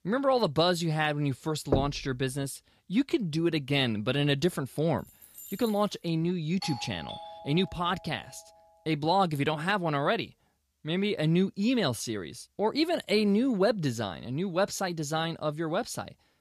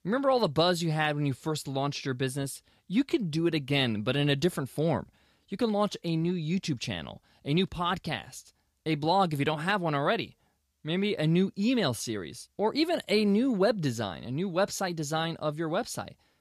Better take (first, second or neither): second